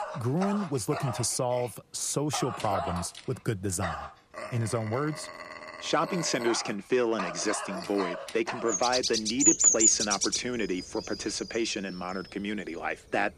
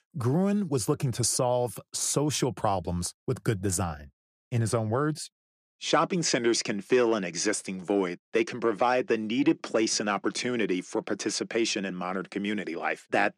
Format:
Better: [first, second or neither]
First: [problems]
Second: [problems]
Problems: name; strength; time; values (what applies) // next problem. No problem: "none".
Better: second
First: animal sounds; very loud; throughout; 2 dB above the speech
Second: none